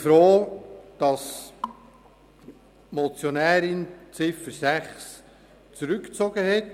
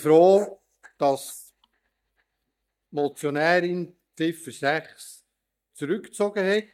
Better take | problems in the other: first | noise reduction (neural mask model DeepFilterNet 3)

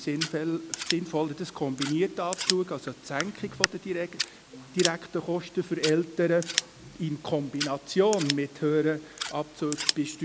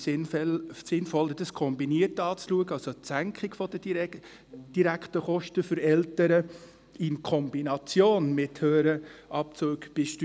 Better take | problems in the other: second | background sound (Scissors); 7 dB below the speech

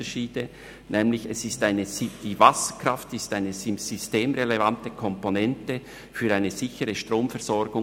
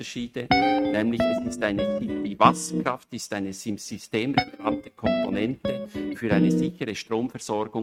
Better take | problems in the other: first | noise reduction (neural mask model RNNoise)

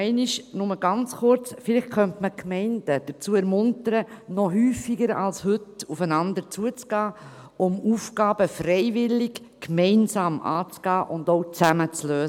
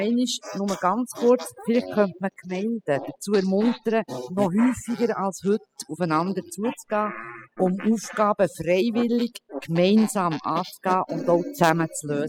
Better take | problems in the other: first | noise reduction (classical method spectral subtraction)

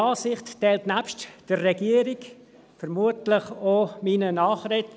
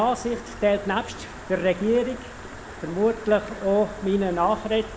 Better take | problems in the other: first | background sound (Stream); 14 dB below the speech // room echo; dies away in 1.5 s

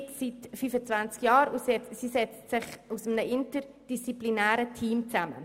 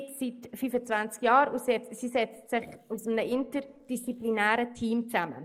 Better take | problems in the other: first | noise reduction (neural mask model Resemble Enhance denoiser)

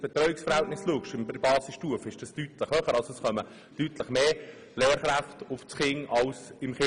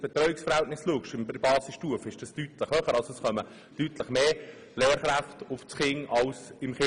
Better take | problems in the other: second | background sound (Guitar); 19 dB below the speech

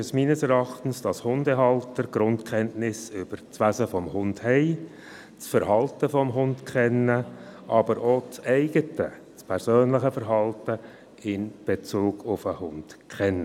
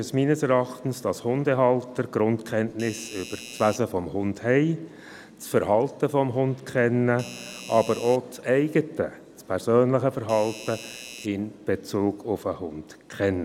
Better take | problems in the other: first | background sound (Doorbell); 16 dB below the speech

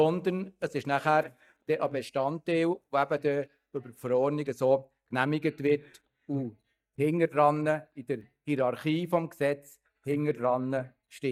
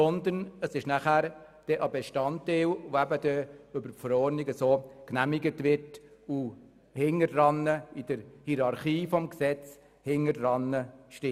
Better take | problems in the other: second | noise reduction (neural mask model DeepFilterNet 3)

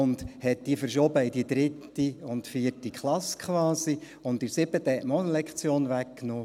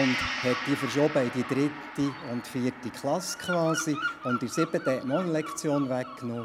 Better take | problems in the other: first | background sound (Gong + Bird vocalization, bird call, bird song); 7 dB below the speech

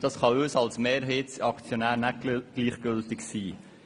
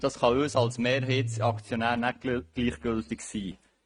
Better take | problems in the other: first | noise reduction (neural mask model RNNoise)

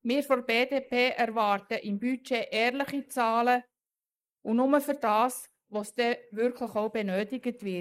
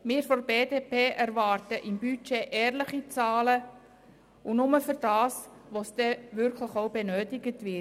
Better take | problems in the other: second | noise reduction (neural mask model Resemble Enhance denoiser)

